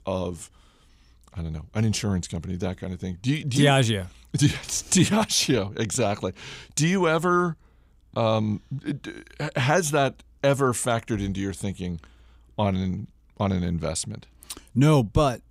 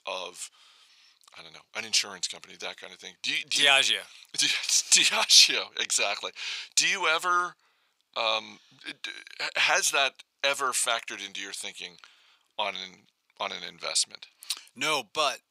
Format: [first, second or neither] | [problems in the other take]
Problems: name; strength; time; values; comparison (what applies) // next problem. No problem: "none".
first | thin; very; fading below 900 Hz